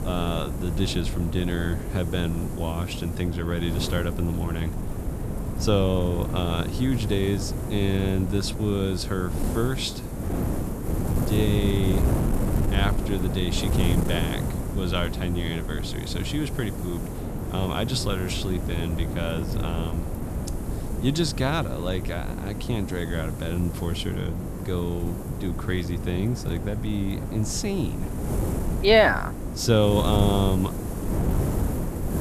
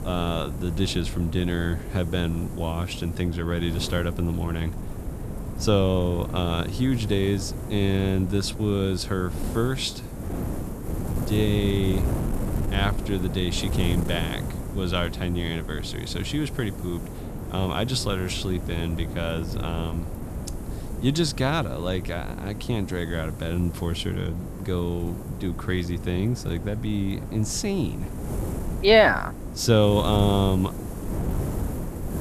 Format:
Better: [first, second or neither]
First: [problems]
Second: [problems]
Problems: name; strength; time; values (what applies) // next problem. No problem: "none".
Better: second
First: wind noise on the microphone; heavy; 7 dB below the speech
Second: wind noise on the microphone; occasional gusts; 10 dB below the speech